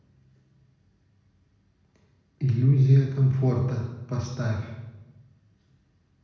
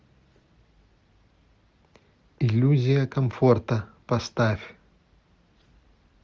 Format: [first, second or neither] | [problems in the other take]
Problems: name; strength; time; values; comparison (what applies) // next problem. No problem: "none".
second | room echo; dies away in 1 s